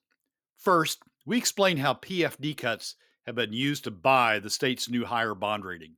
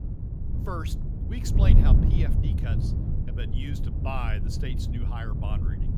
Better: first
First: none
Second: wind noise on the microphone; heavy; 1 dB below the speech

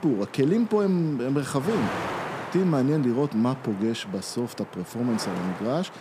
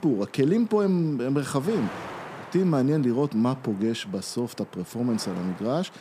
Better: second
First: wind noise on the microphone; heavy; 7 dB below the speech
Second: wind noise on the microphone; occasional gusts; 15 dB below the speech

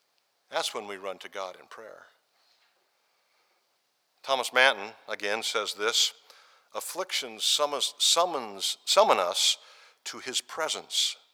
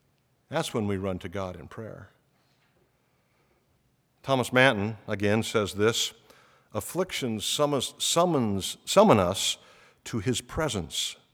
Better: second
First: thin; very; fading below 700 Hz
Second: none

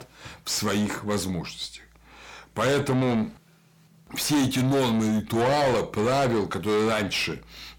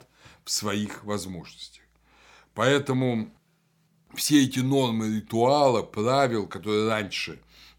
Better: second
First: distortion; heavy; 6 dB below the speech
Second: none

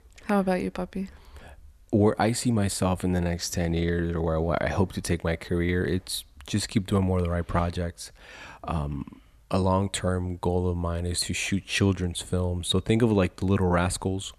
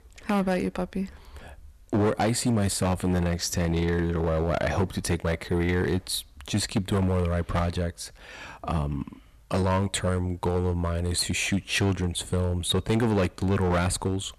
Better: first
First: none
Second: distortion; slight; 9% of the sound clipped

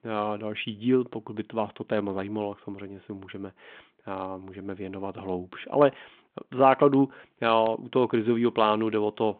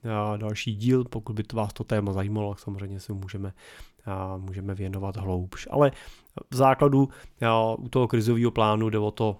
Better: second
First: phone-call audio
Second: none

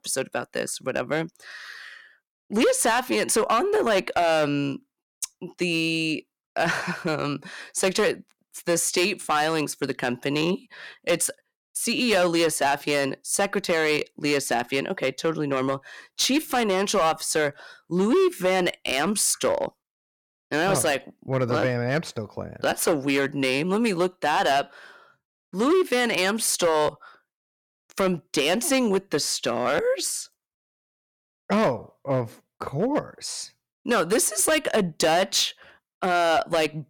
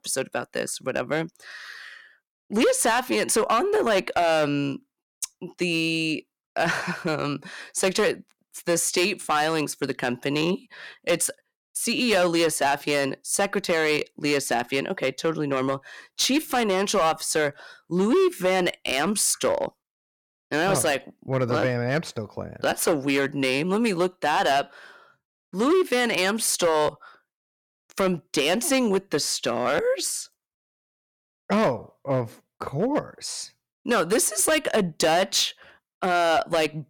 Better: neither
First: distortion; slight; 6% of the sound clipped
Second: distortion; slight; 6% of the sound clipped

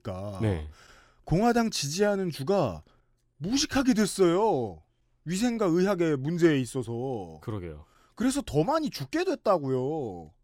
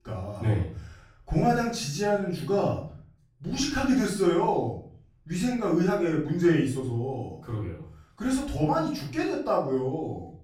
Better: first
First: none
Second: off-mic speech; far // room echo; noticeable; dies away in 0.4 s

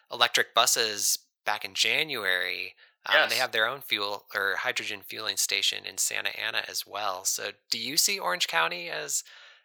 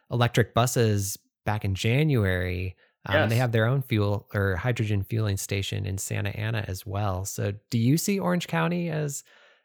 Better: second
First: thin; very; fading below 900 Hz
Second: none

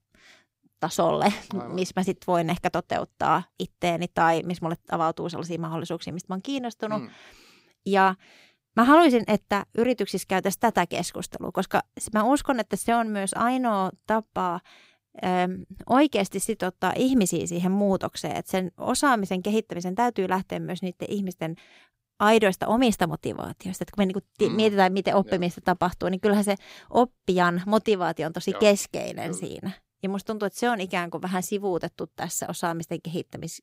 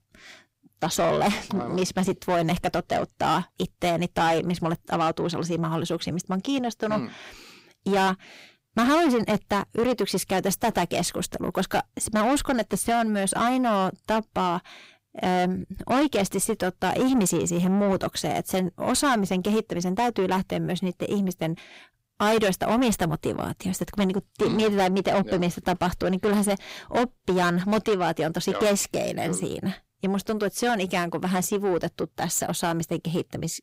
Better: first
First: none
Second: distortion; heavy; 7 dB below the speech

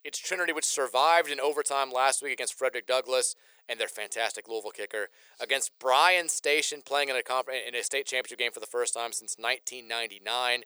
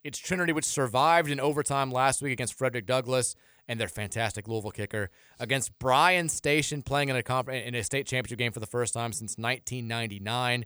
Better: second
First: thin; very; fading below 450 Hz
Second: none

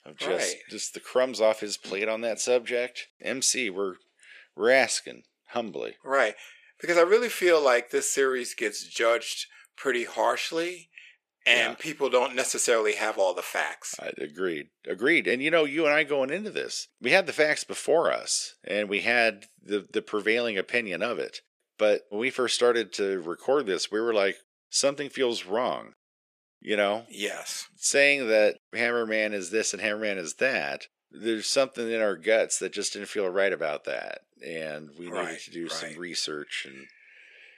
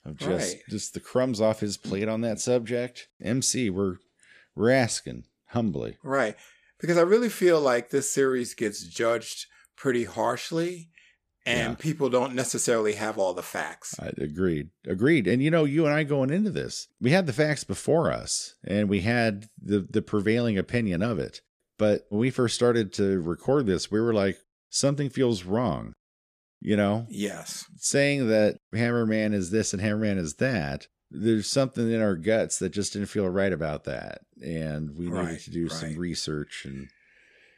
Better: second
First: thin; somewhat; fading below 500 Hz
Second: none

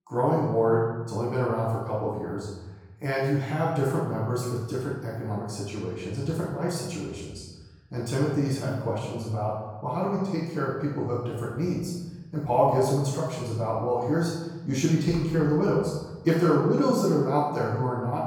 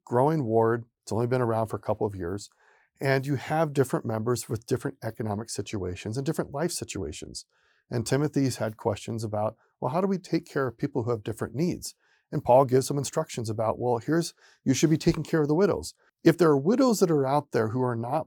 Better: second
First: off-mic speech; far // room echo; noticeable; dies away in 1.2 s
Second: none

